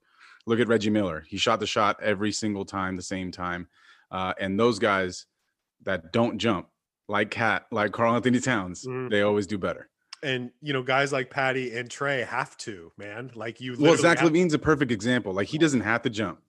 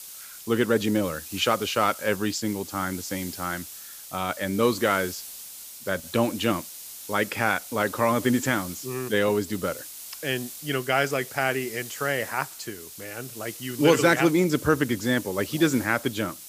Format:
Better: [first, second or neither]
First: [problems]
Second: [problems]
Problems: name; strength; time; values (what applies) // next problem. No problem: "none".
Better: first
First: none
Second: hiss; noticeable; throughout; 10 dB below the speech